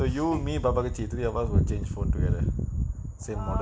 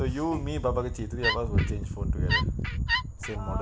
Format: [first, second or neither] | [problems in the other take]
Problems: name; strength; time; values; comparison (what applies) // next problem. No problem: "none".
first | background sound (Wood); 3 dB below the speech